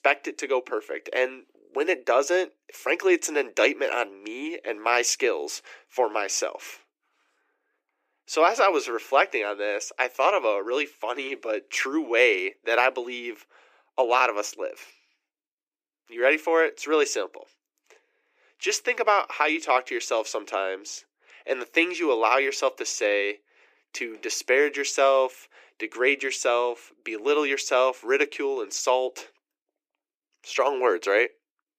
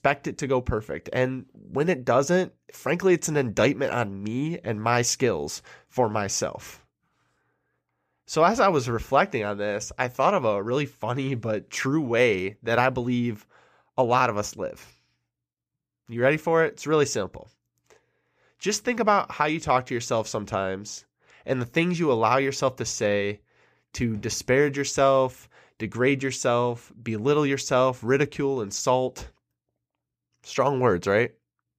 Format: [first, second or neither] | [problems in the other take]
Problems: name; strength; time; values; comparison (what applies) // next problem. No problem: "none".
second | thin; very; fading below 300 Hz